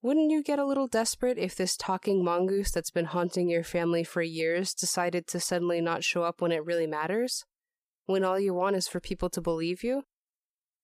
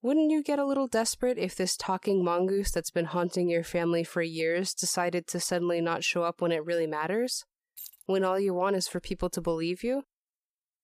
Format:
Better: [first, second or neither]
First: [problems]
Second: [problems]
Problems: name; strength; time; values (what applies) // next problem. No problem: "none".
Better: first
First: none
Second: jangling keys; faint; at 8 s; peak 15 dB below the speech